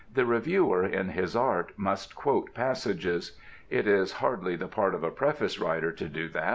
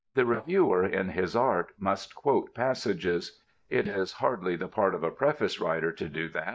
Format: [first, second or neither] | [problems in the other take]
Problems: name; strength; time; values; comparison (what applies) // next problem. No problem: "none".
first | noise reduction (neural mask model DeepFilterNet 3)